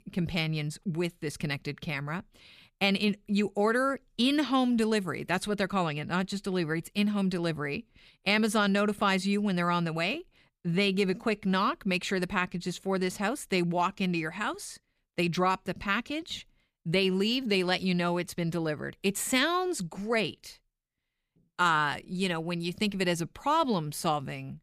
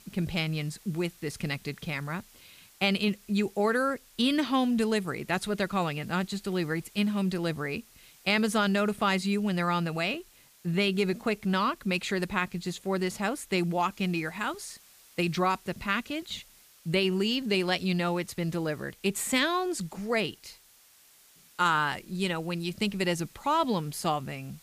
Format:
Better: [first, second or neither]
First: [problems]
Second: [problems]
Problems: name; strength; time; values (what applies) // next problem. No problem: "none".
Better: first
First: none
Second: hiss; faint; throughout; 25 dB below the speech